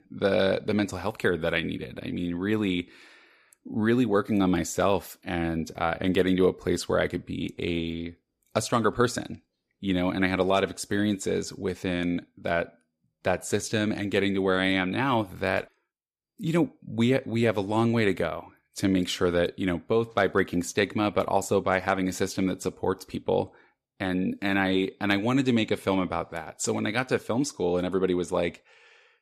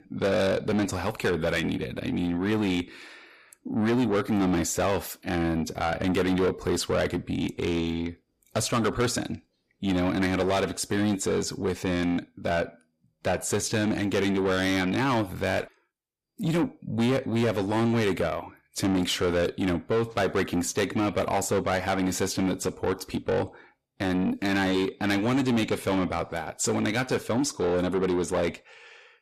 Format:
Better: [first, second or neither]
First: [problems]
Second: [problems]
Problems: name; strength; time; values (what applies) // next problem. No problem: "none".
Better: first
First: none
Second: distortion; heavy; 8 dB below the speech